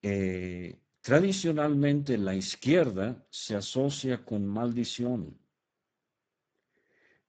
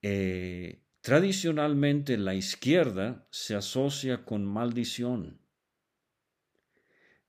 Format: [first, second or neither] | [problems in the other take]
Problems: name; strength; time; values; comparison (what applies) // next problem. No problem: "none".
second | garbled, watery; badly; nothing above 7.5 kHz